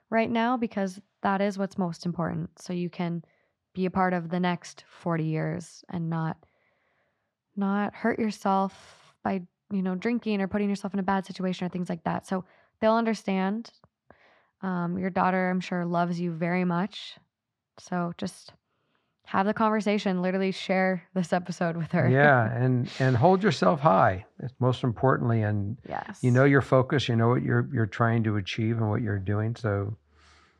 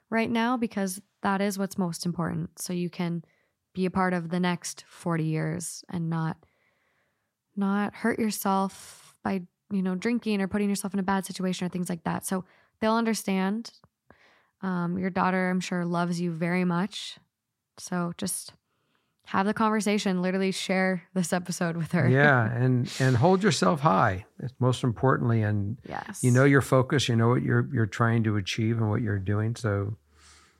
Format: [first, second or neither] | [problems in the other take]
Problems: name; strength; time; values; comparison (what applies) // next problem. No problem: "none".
second | muffled; slightly; fading above 4 kHz